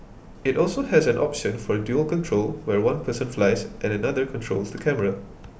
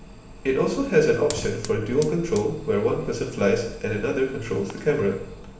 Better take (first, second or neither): first